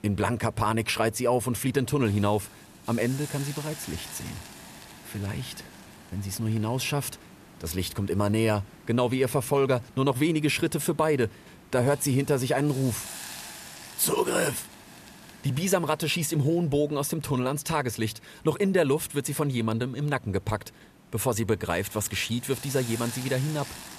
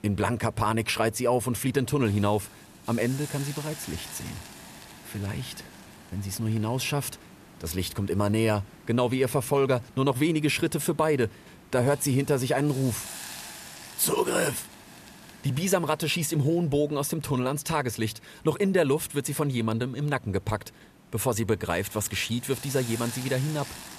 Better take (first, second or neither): neither